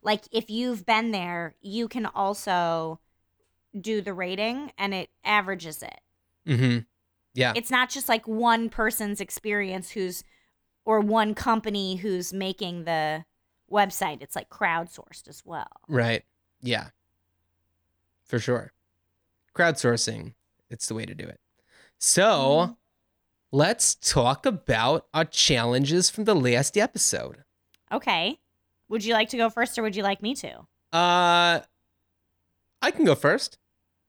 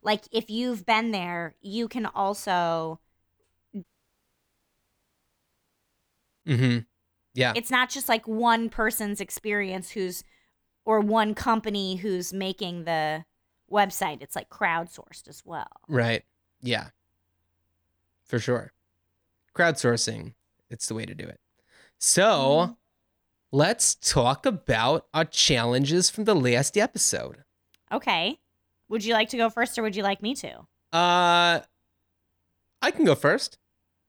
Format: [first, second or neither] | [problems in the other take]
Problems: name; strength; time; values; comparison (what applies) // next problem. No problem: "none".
first | audio cutting out; at 4 s for 2.5 s